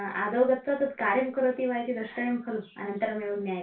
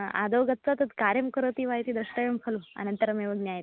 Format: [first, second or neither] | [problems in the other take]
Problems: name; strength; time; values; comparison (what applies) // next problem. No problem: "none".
second | room echo; dies away in 0.3 s